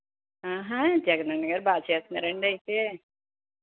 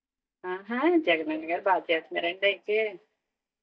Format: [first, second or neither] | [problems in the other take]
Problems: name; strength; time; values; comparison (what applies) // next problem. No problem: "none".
first | noise reduction (neural mask model DeepFilterNet 3)